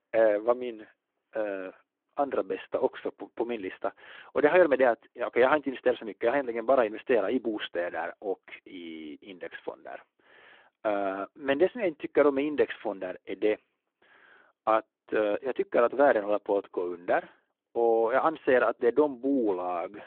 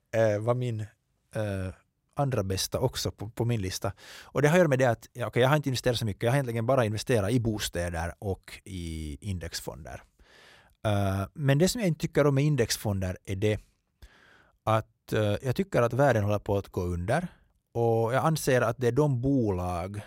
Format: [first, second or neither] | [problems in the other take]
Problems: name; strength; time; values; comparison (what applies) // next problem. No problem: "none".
second | phone-call audio